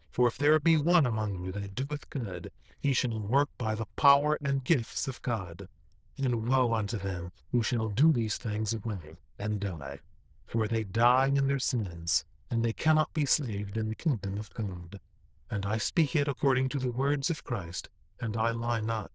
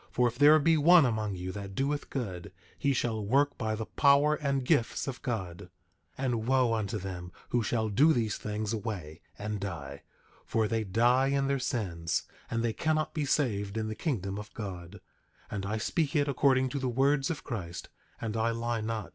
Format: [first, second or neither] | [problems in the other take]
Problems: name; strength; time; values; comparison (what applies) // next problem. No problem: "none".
second | noise reduction (neural diffusion model UNIVERSE++)